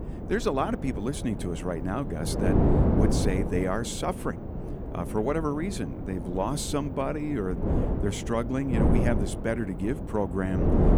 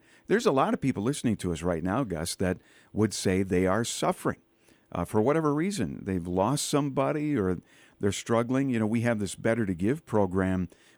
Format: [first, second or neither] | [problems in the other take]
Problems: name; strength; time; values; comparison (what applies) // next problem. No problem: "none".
second | wind noise on the microphone; heavy; 4 dB below the speech